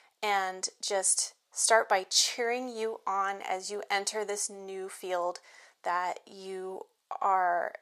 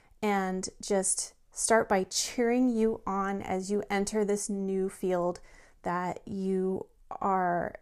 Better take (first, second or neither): second